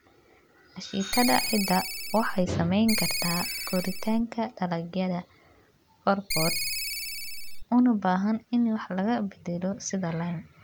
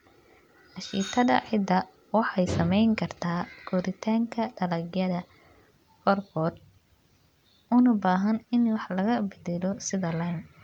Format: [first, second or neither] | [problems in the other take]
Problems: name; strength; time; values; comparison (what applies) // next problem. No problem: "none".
second | background sound (Ringtone); 2 dB below the speech